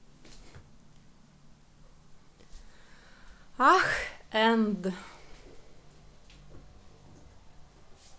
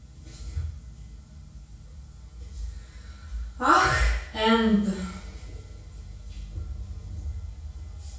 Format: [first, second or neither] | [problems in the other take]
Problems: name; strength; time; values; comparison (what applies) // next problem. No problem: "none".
first | room echo; dies away in 0.6 s